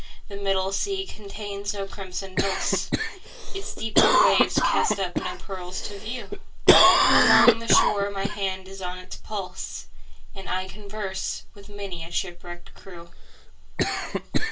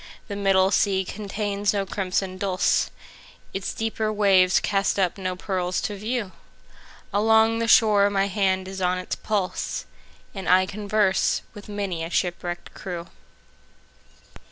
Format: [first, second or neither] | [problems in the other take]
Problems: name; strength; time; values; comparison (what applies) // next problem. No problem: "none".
second | background sound (Cough); as loud as the speech // room echo; dies away in 0.1 s